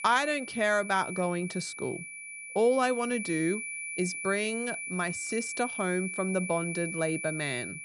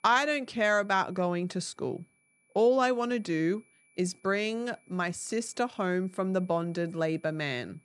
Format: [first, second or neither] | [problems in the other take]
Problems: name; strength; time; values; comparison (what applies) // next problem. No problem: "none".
second | high-pitched whine; loud; throughout; 2.5 kHz, 6 dB below the speech; faint in the second